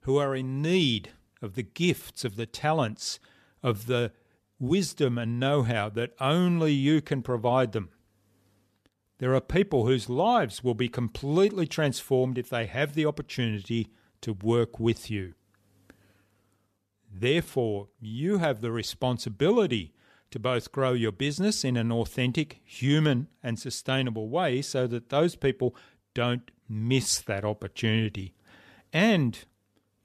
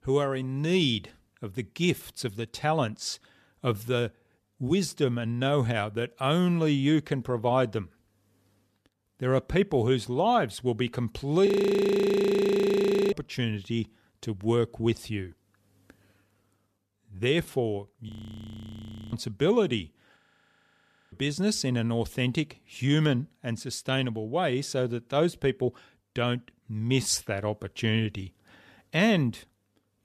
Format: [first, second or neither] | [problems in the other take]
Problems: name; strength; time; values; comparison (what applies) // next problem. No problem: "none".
first | audio freezing; at 11 s for 1.5 s, at 18 s for 1 s and at 20 s for 1 s